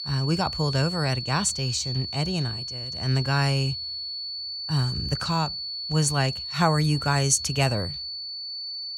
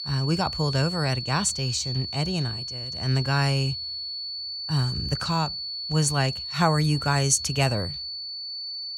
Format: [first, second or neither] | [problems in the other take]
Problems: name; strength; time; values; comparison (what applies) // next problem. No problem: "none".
neither | high-pitched whine; loud; throughout; 4.5 kHz, 5 dB below the speech; the same in both